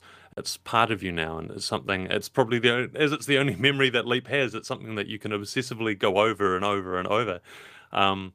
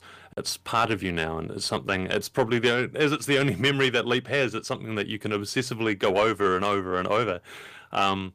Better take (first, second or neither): first